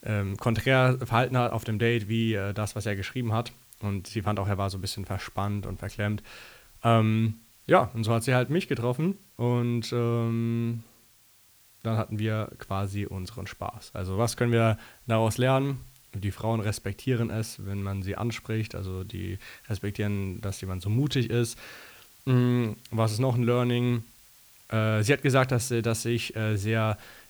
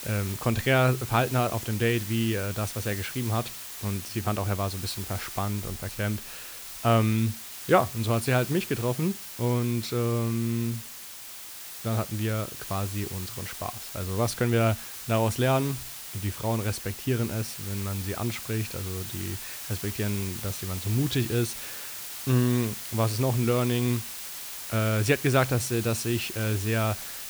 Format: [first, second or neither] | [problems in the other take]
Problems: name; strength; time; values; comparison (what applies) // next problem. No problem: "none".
first | hiss; loud; throughout; 8 dB below the speech; faint in the first